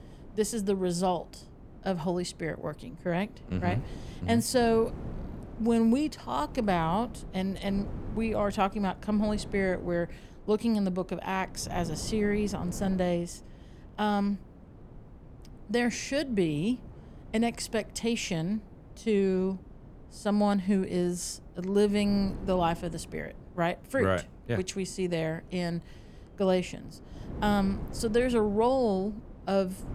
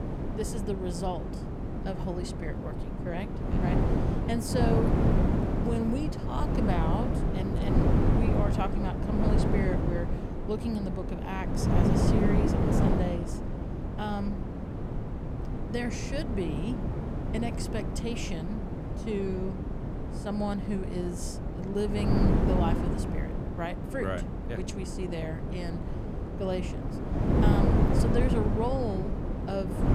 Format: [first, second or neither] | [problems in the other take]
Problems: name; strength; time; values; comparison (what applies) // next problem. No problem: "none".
first | wind noise on the microphone; heavy; 1 dB above the speech; occasional gusts in the first